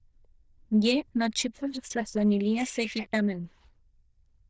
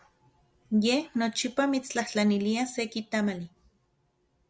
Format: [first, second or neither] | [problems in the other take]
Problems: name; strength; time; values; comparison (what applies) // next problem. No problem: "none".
second | noise reduction (neural diffusion model UNIVERSE++)